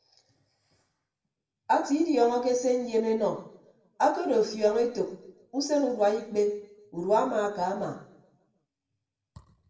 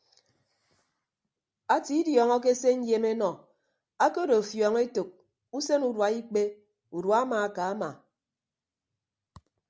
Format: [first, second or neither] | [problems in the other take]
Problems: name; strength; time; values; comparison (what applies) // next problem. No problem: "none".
second | room echo; dies away in 0.8 s